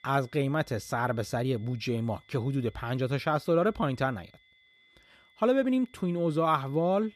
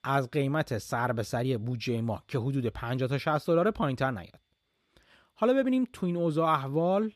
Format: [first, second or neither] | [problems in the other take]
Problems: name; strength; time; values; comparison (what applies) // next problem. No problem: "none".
second | high-pitched whine; faint; throughout; 2 kHz, 30 dB below the speech